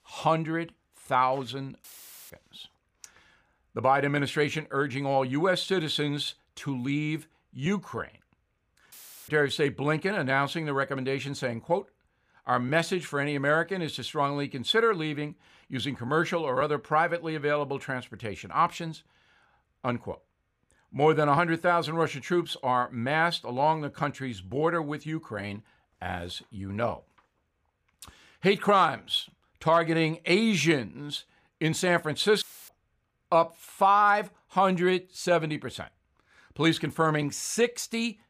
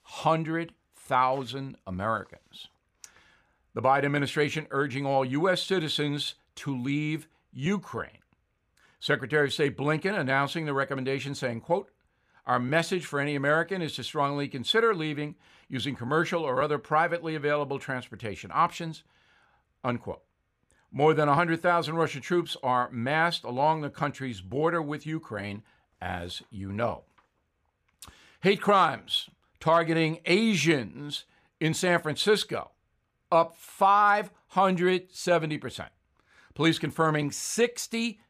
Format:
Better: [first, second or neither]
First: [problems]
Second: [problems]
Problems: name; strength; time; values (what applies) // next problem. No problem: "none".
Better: second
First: audio cutting out; filled with static; at 2 s, at 9 s and at 32 s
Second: none